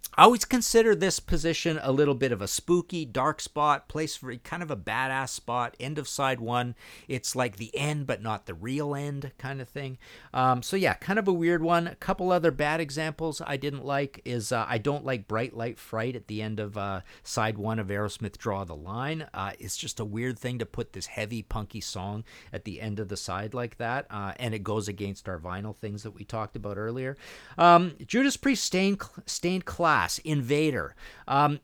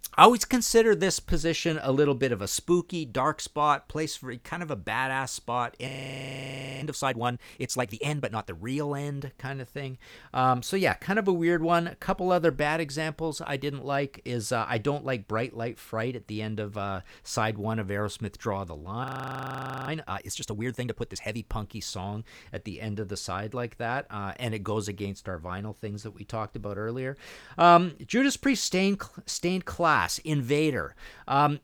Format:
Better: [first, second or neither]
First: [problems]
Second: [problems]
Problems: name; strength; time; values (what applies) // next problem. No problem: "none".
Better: first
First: none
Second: audio freezing; at 6 s for 1 s and at 19 s for 1 s